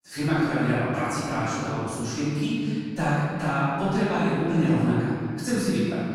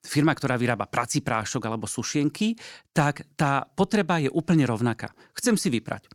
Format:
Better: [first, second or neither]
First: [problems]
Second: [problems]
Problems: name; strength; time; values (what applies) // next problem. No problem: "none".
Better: second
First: off-mic speech; far // room echo; strong; dies away in 2.1 s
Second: none